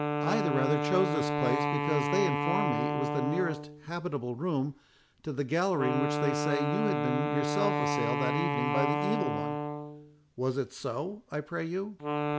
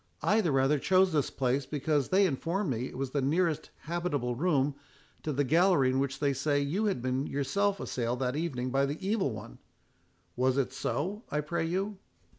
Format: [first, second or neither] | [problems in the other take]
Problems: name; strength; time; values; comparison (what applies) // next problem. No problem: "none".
second | background sound (Wind instrument, woodwind instrument); as loud as the speech